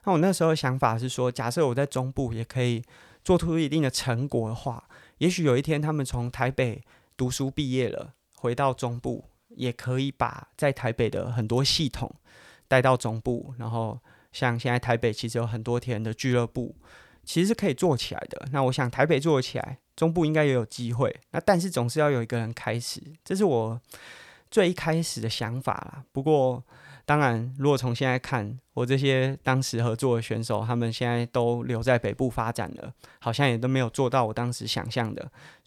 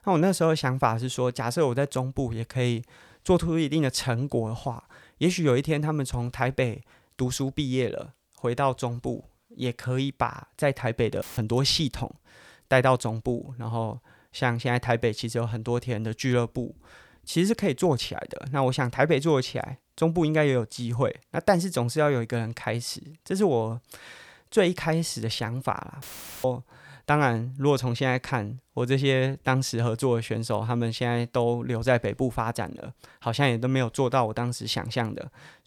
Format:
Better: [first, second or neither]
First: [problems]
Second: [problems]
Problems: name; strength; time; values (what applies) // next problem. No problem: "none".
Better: first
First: none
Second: audio cutting out; filled with static; at 11 s and at 26 s